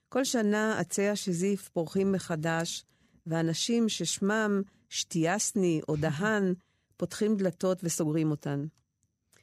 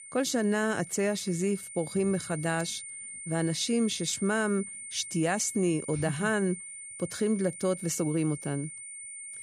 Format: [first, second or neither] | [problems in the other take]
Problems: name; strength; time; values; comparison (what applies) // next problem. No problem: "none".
first | high-pitched whine; noticeable; throughout; 9 kHz, 10 dB below the speech